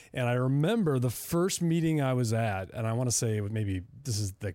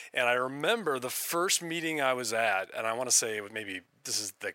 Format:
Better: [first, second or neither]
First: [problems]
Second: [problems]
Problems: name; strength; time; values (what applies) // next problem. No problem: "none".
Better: first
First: none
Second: thin; very; fading below 600 Hz